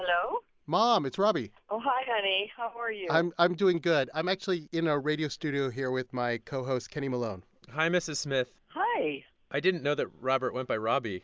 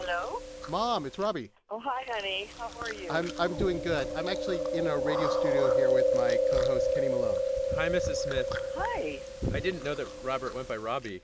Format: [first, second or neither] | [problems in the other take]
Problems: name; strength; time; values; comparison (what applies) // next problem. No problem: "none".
first | background sound (Chewing, mastication); 3 dB above the speech